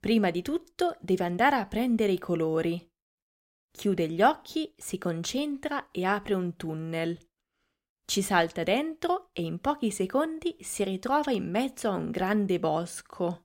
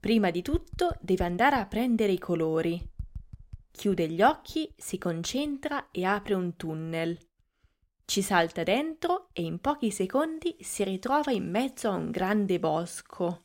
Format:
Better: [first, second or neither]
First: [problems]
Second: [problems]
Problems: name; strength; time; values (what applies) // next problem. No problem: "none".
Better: first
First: none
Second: household noises; noticeable; throughout; 15 dB below the speech